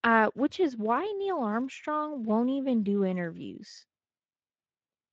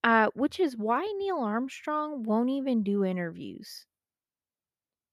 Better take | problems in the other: second | garbled, watery; slightly; nothing above 7.5 kHz

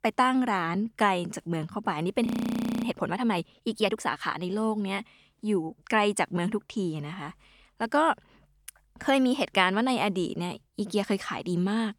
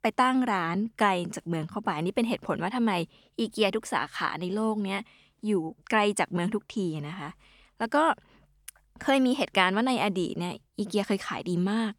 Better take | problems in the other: second | audio freezing; at 2.5 s for 0.5 s

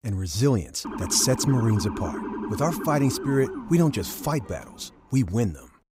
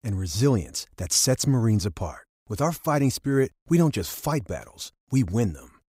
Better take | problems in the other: second | siren; noticeable; from 1 to 5 s; peak 7 dB below the speech

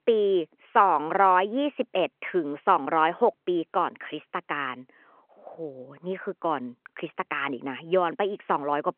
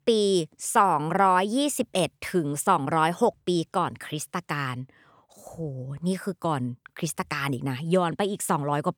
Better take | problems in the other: second | phone-call audio

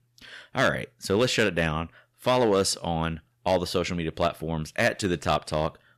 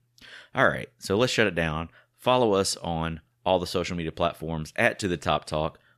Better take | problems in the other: second | distortion; slight; 2% of the sound clipped

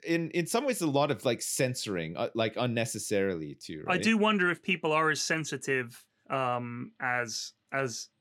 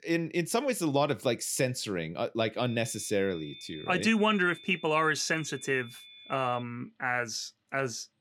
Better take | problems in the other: first | high-pitched whine; noticeable; from 2.5 to 6.5 s; 3.5 kHz, 20 dB below the speech

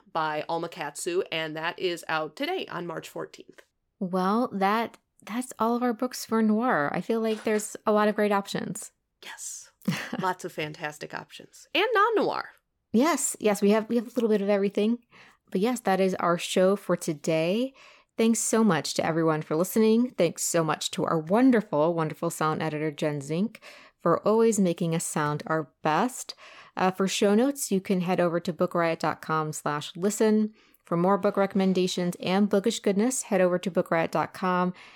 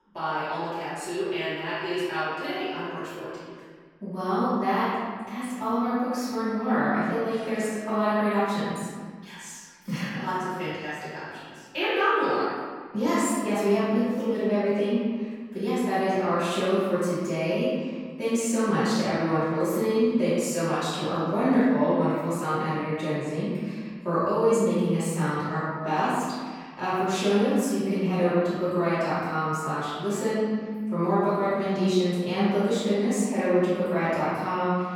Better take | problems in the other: first | off-mic speech; far // room echo; strong; dies away in 1.6 s

